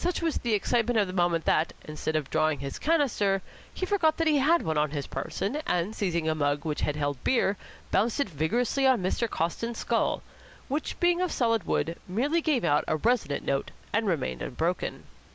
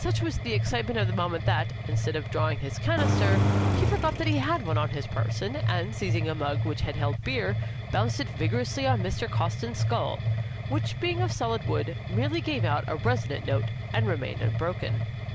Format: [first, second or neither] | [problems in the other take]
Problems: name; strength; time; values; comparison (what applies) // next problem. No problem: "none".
first | background sound (Engine + Mechanisms); 3 dB above the speech